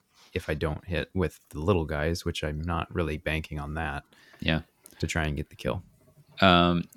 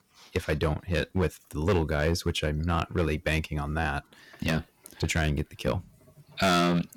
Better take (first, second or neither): first